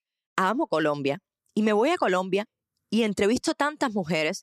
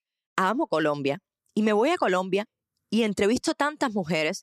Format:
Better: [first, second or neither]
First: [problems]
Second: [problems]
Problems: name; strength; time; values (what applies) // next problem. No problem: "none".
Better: neither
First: none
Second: none